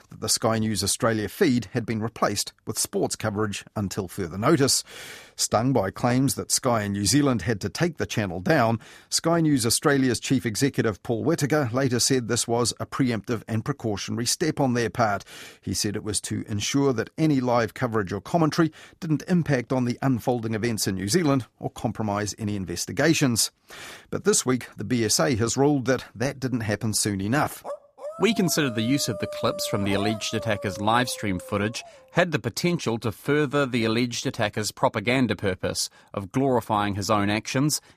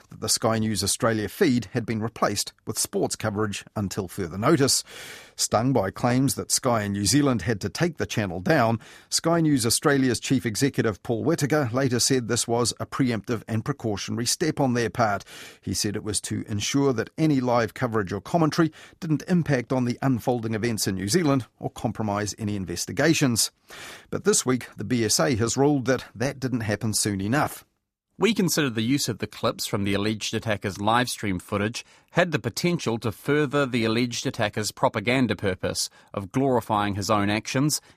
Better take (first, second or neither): second